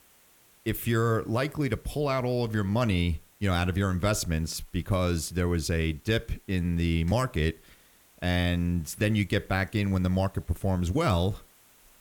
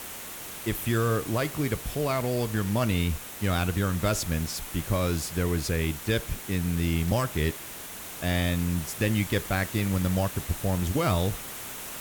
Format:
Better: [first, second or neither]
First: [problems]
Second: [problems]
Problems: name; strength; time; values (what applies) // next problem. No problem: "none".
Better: first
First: hiss; faint; throughout; 30 dB below the speech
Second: hiss; loud; throughout; 9 dB below the speech